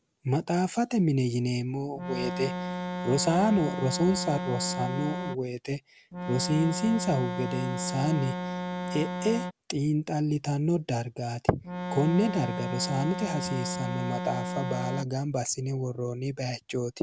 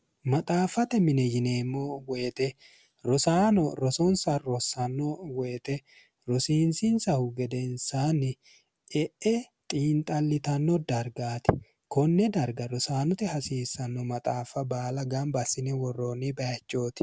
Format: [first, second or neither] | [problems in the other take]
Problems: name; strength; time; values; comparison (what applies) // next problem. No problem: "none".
second | background sound (Organ); 4 dB below the speech